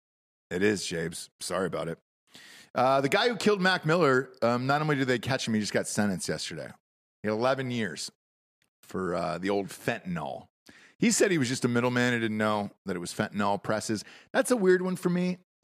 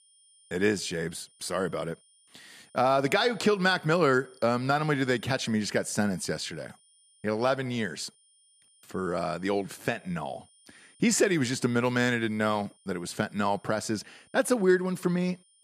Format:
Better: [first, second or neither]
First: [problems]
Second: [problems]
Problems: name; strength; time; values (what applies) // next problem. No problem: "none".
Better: first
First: none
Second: high-pitched whine; faint; throughout; 9.5 kHz, 30 dB below the speech